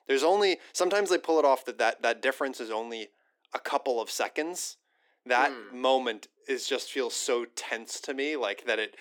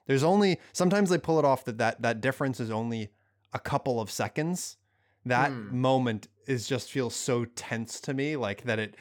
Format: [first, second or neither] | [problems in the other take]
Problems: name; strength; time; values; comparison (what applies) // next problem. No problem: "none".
second | thin; somewhat; fading below 300 Hz